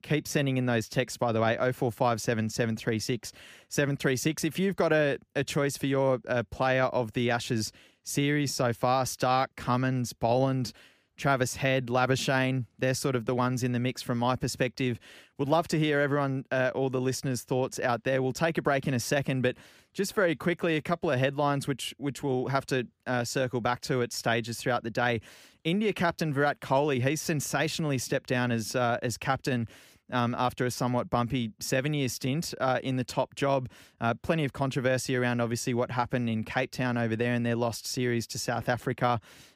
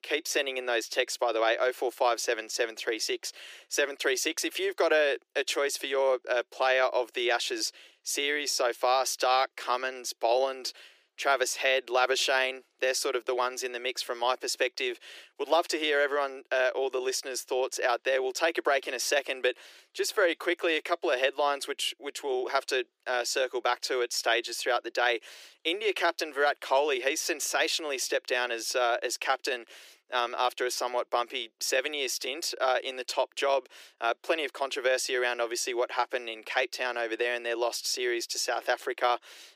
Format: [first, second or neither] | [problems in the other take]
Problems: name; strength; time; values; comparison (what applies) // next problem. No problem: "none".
first | thin; very; fading below 350 Hz